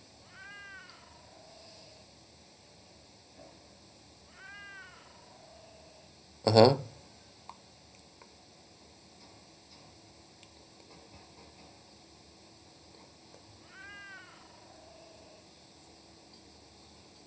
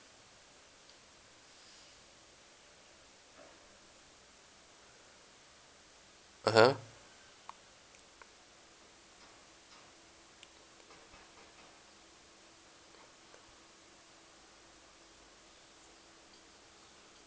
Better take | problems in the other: second | background sound (Meow); 16 dB below the speech // room echo; dies away in 0.4 s

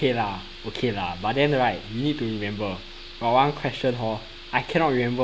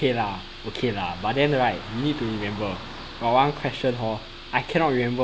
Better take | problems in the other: first | background sound (Car); 17 dB below the speech

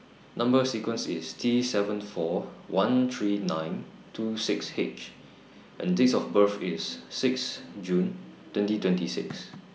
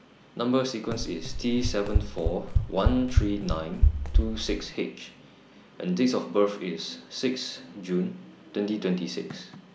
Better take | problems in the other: first | background sound (Run); 4 dB above the speech

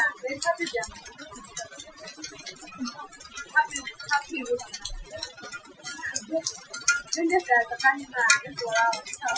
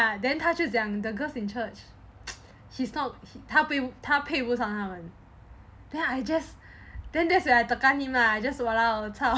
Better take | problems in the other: second | noise reduction (classical method Wiener filter)

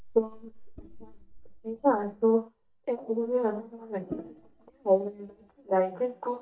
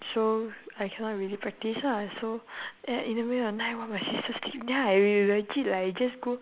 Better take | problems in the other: second | noise reduction (neural mask model DeepFilterNet 3)

